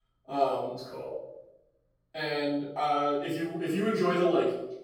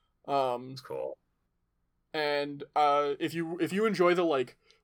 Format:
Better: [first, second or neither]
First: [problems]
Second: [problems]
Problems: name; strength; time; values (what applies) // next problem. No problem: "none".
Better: second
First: off-mic speech; far // room echo; noticeable; dies away in 0.6 s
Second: none